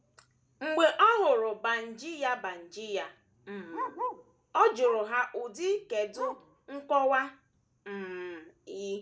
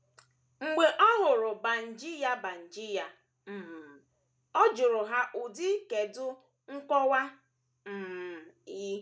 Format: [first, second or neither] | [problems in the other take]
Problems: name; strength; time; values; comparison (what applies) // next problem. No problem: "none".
second | background sound (Bark); 15 dB below the speech